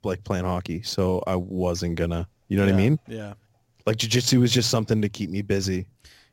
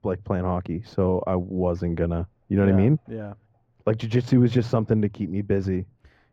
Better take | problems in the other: first | muffled; very; fading above 3 kHz

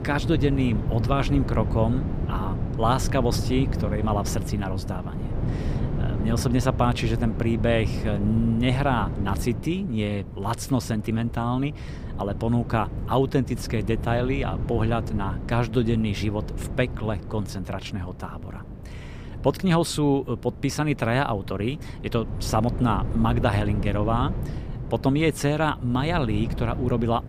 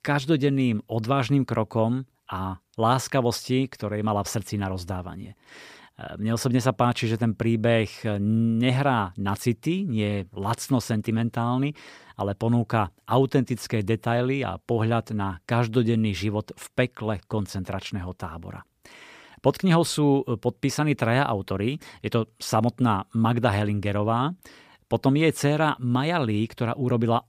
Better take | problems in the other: second | wind noise on the microphone; occasional gusts; 10 dB below the speech

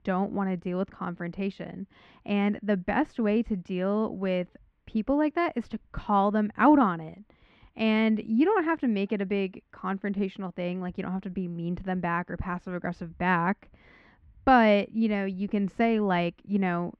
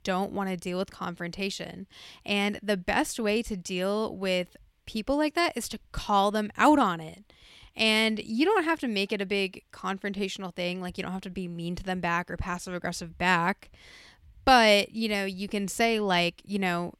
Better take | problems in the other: second | muffled; very; fading above 1.5 kHz

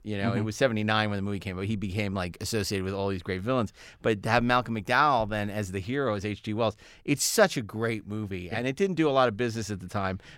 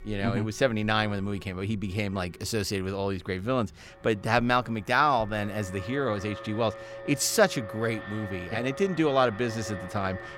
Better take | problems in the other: first | alarms or sirens; noticeable; throughout; 15 dB below the speech

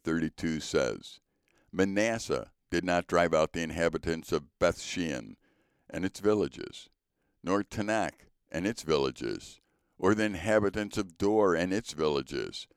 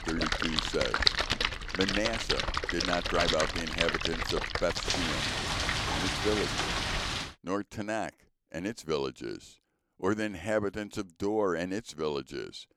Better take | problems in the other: first | rain or running water; very loud; until 7.5 s; 4 dB above the speech

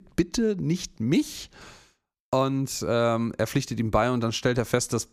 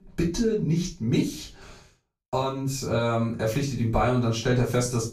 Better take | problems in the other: first | room echo; slight; dies away in 0.3 s // off-mic speech; far

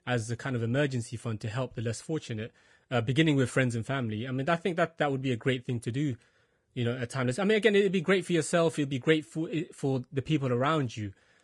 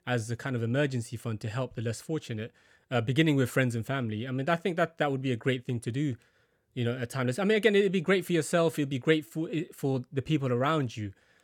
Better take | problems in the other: second | garbled, watery; slightly; nothing above 10 kHz

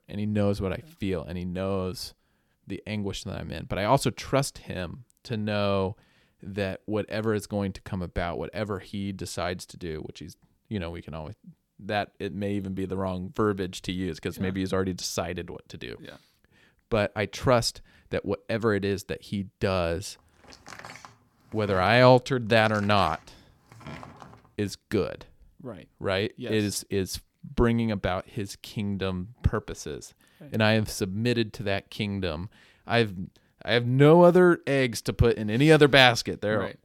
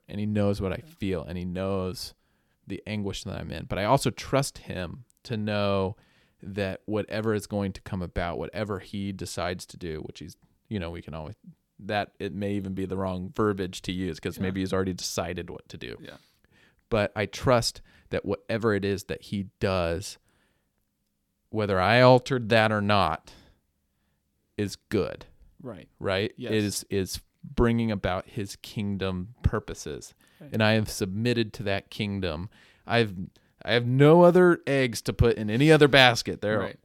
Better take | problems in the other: second | door banging; faint; from 20 to 24 s; peak 15 dB below the speech

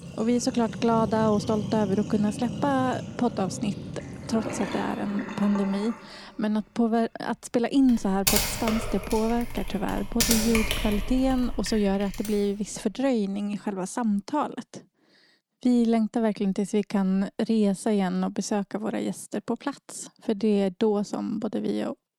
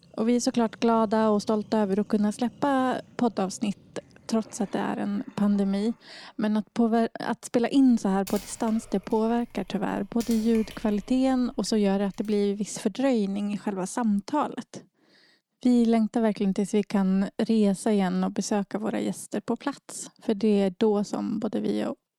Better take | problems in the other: second | household noises; loud; until 12 s; 5 dB below the speech; faint in the second

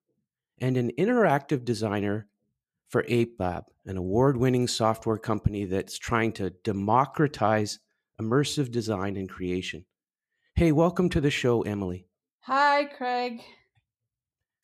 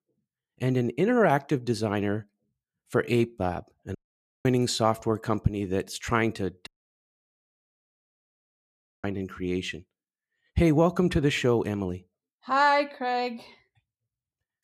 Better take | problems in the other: first | audio cutting out; at 4 s for 0.5 s and at 6.5 s for 2.5 s

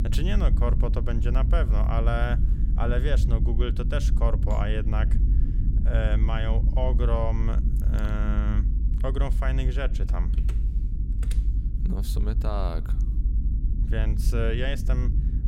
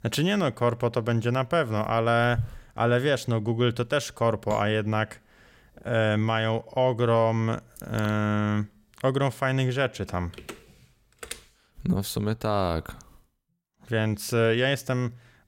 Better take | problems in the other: second | low rumble; loud; throughout; 9 dB below the speech

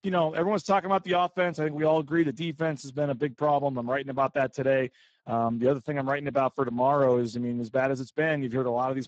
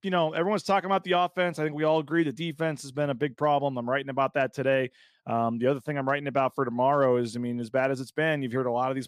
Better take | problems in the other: second | garbled, watery; badly; nothing above 7.5 kHz

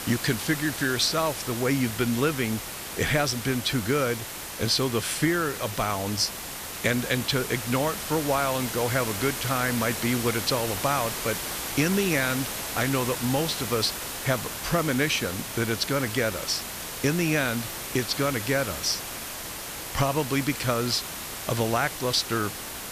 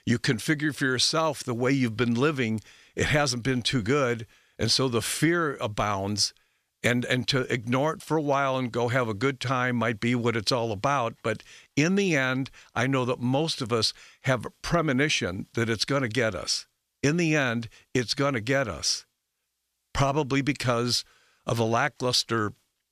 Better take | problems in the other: second | hiss; loud; throughout; 6 dB below the speech

